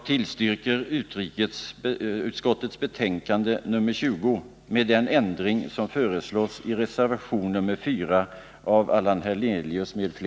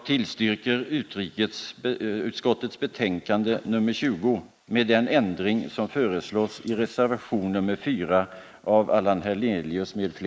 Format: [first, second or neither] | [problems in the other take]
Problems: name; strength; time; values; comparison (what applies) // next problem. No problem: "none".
first | noise reduction (neural mask model Resemble Enhance denoiser)